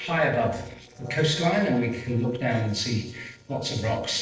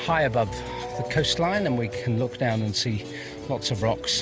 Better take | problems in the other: second | noise reduction (neural separator model SepFormer DNS4)

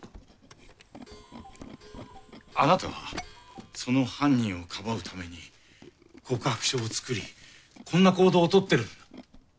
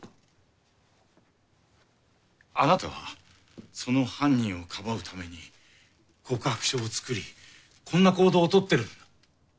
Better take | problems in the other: second | background sound (Clock + Tools); 20 dB below the speech

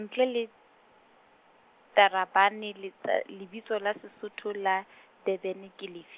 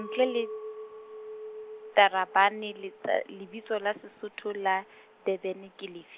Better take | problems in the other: first | background sound (Chink, clink); 14 dB below the speech

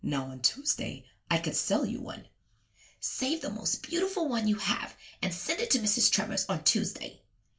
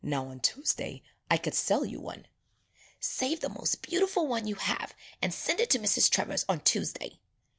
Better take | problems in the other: second | room echo; dies away in 0.2 s

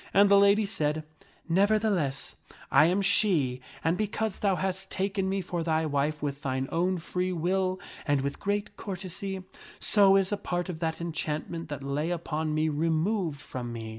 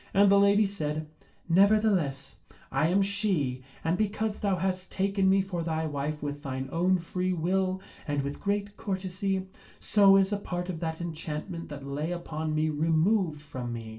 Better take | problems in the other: first | room echo; dies away in 0.2 s

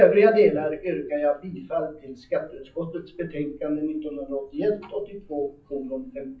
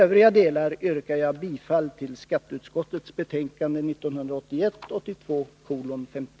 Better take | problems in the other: second | noise reduction (classical method WPE with log-MMSE)

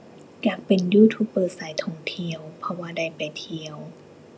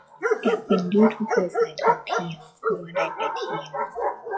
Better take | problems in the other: first | noise reduction (classical method log-MMSE)

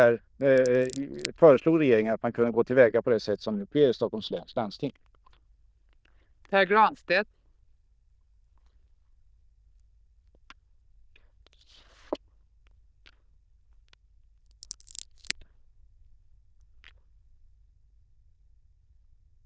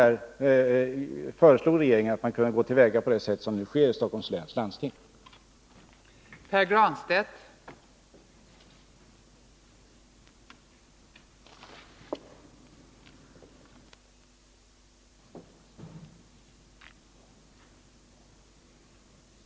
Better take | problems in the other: second | noise reduction (neural diffusion model UNIVERSE++)

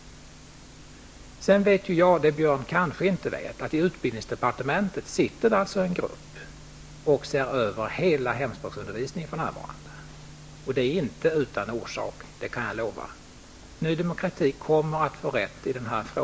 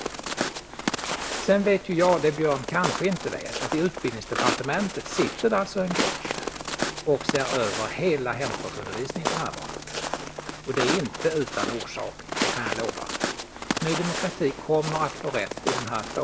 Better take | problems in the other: first | background sound (Walk, footsteps); 4 dB below the speech

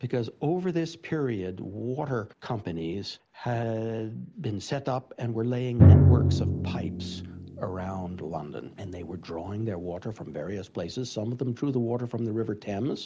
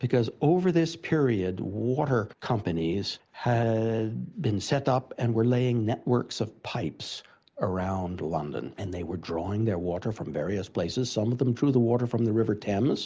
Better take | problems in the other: second | background sound (Drum); 3 dB above the speech

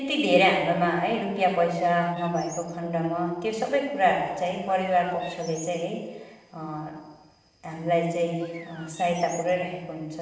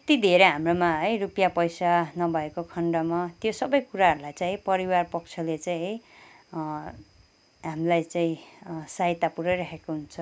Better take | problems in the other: second | noise reduction (neural separator model SepFormer DNS4)

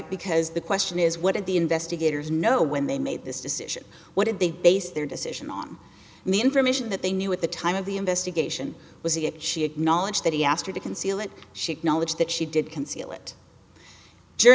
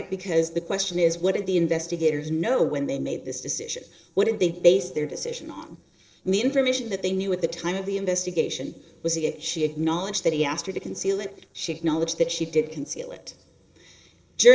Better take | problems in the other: first | noise reduction (neural separator model SepFormer DNS4)

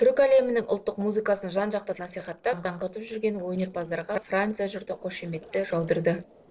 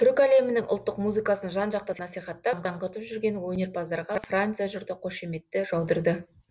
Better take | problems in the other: second | noise reduction (neural separator model SepFormer DNS4)

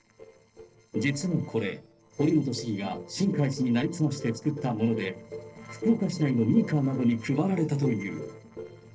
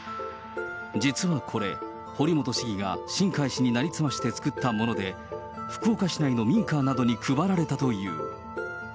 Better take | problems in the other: second | noise reduction (neural separator model SepFormer DNS4)

